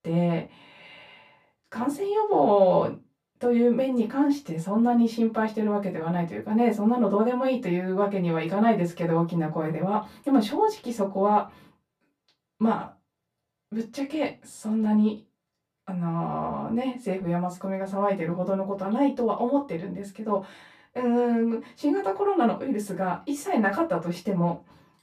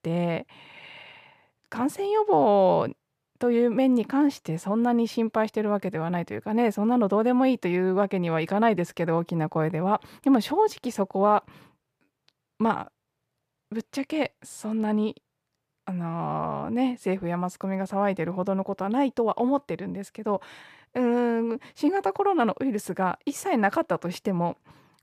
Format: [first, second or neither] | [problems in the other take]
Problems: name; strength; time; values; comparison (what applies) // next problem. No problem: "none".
second | off-mic speech; far // room echo; very slight; dies away in 0.2 s